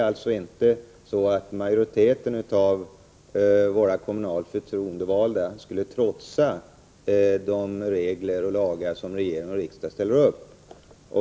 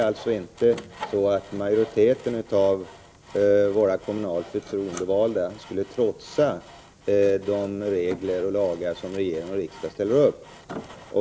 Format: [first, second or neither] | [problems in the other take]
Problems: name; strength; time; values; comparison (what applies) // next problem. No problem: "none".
first | background sound (Sawing); 19 dB below the speech